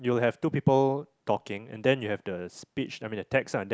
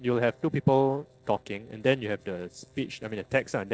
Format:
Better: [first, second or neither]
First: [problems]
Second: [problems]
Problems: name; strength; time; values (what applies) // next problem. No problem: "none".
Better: first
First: none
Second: noise reduction (neural separator model SepFormer DNS4)